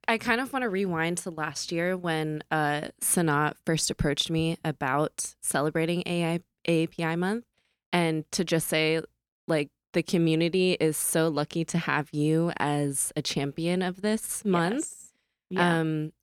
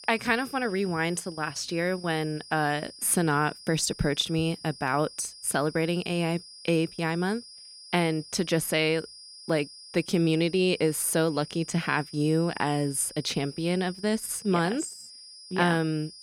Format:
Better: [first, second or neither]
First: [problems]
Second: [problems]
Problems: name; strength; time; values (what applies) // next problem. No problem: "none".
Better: first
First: none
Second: high-pitched whine; noticeable; throughout; 5 kHz, 15 dB below the speech